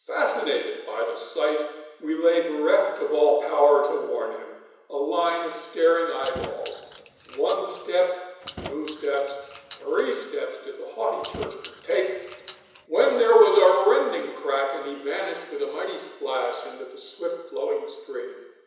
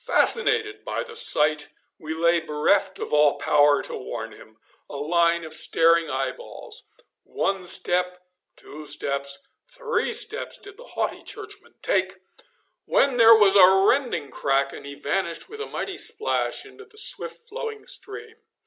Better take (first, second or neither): second